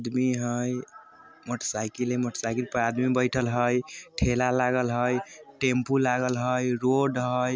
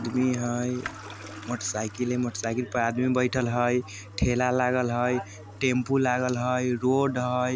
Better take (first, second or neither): first